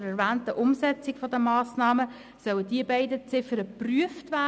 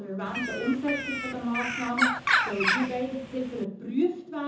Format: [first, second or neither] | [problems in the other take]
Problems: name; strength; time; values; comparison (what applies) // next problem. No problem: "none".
first | background sound (Bird); 1 dB above the speech // room echo; dies away in 0.5 s